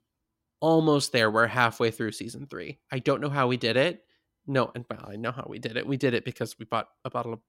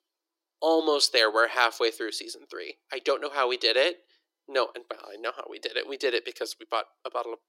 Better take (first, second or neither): first